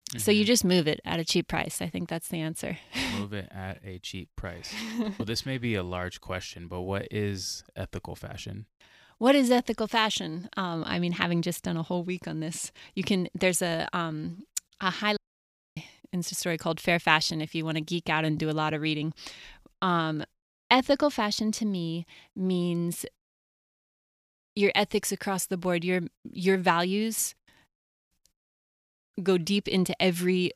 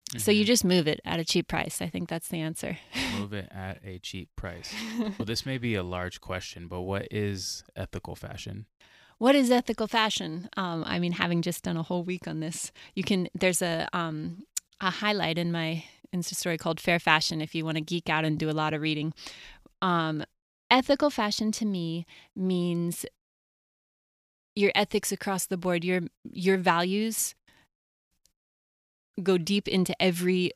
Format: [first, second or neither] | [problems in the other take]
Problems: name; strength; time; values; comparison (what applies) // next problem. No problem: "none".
second | audio cutting out; at 15 s for 0.5 s